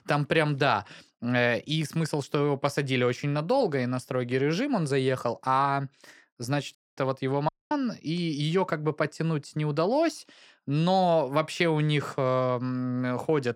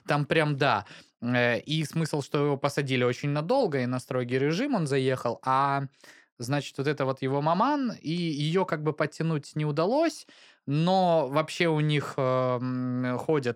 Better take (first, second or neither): second